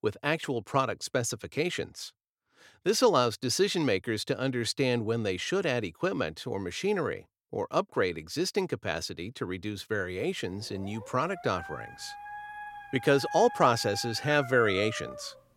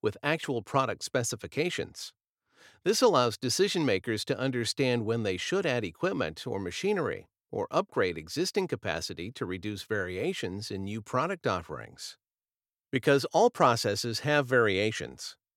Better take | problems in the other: second | dog barking; noticeable; from 11 s on; peak 8 dB below the speech

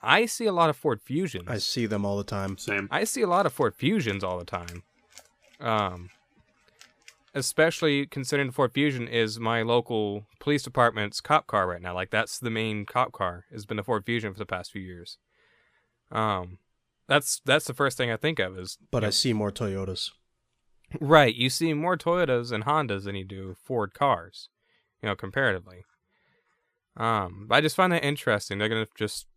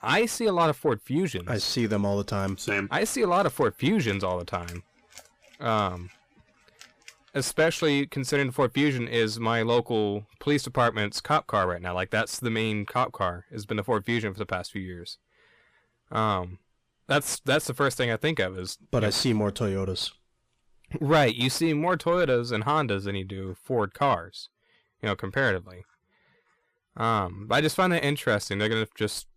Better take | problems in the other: first | distortion; slight; 10 dB below the speech

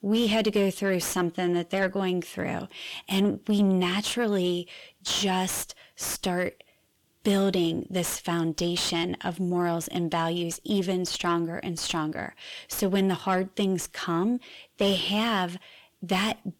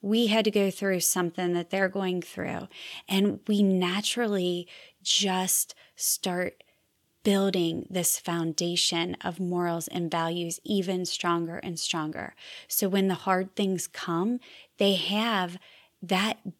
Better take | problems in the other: second | distortion; slight; 10 dB below the speech

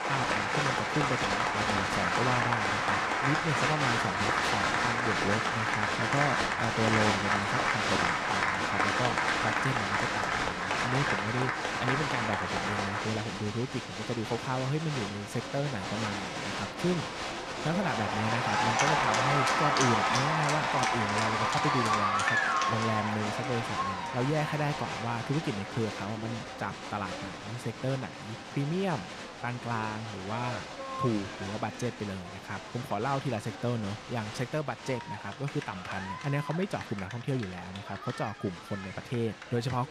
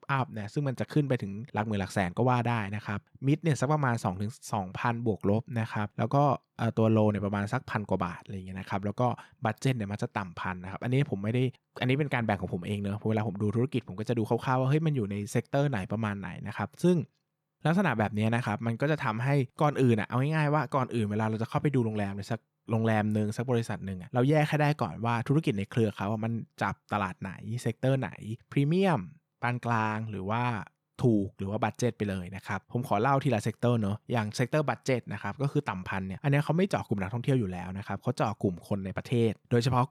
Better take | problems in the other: second | crowd noise; very loud; throughout; 5 dB above the speech

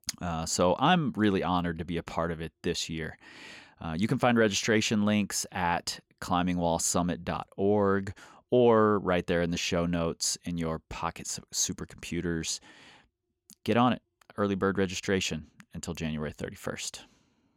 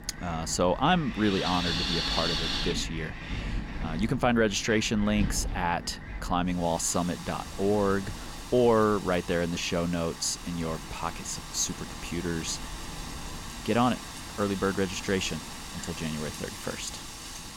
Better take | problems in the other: first | wind in the background; loud; throughout; 7 dB below the speech

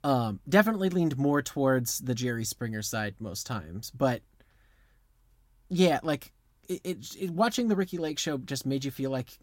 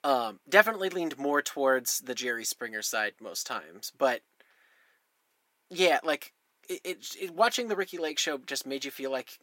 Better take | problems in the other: first | thin; somewhat; fading below 400 Hz

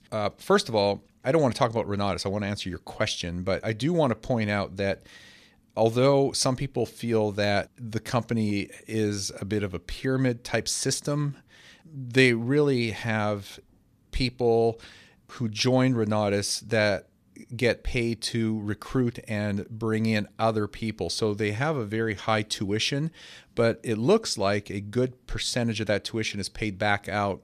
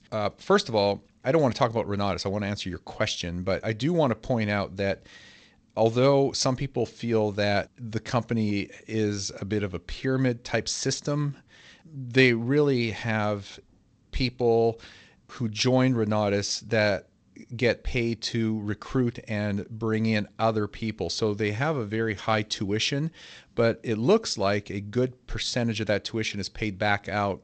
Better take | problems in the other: first | garbled, watery; slightly

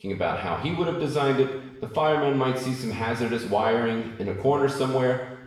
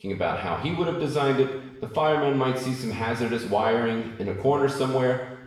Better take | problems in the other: neither | room echo; noticeable; dies away in 0.9 s; the same in both // off-mic speech; far; the same in both

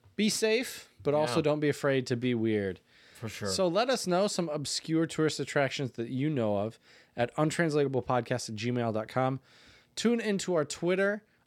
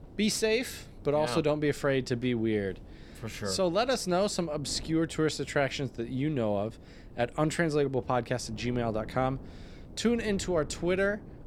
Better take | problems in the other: first | wind noise on the microphone; occasional gusts; 25 dB below the speech

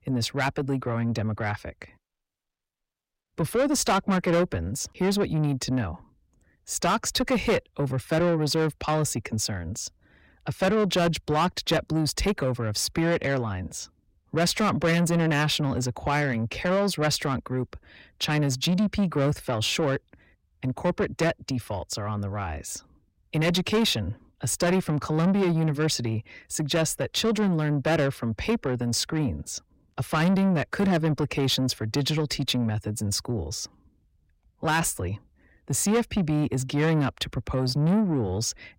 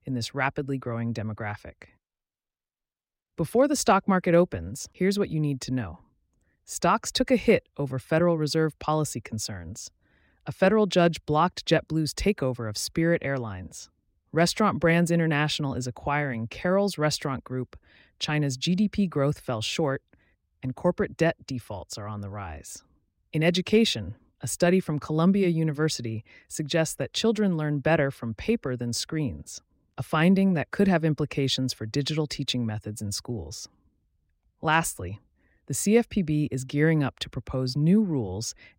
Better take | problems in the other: second | distortion; heavy; 8 dB below the speech

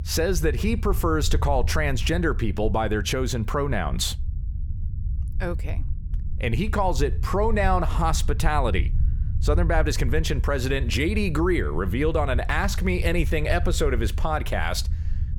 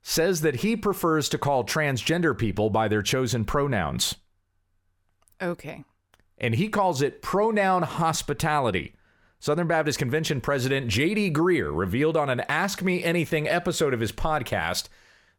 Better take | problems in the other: second | low rumble; faint; throughout; 20 dB below the speech

